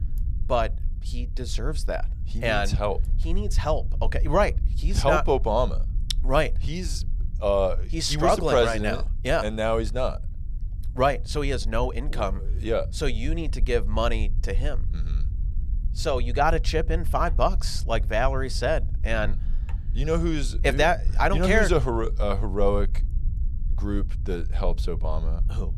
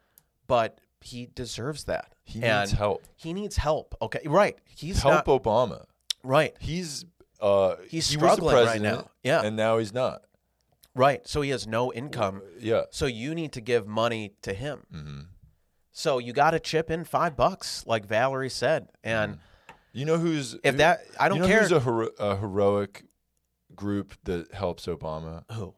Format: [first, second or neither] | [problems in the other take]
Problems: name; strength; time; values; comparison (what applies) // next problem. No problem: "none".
second | low rumble; faint; throughout; 25 dB below the speech